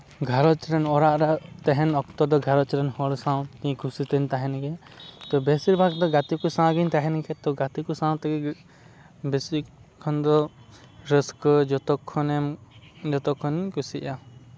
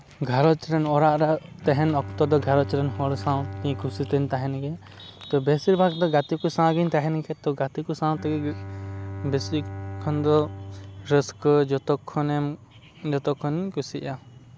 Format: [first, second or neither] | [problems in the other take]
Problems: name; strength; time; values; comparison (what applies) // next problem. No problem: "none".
first | background sound (Bowed string instrument); 14 dB below the speech